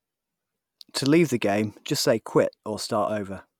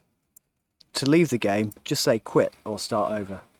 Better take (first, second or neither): first